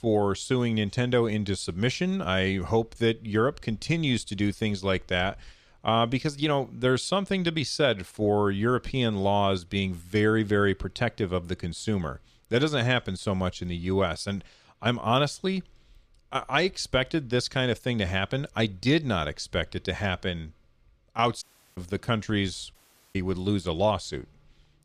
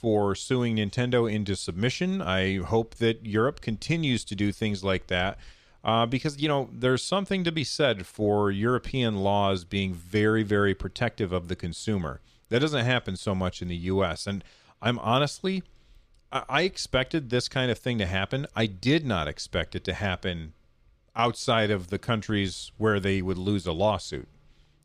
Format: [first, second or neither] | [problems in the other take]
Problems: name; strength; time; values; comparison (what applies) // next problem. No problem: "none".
second | audio cutting out; at 21 s and at 23 s